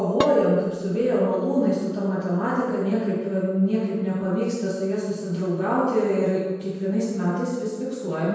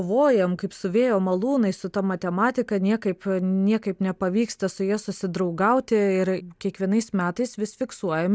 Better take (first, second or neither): second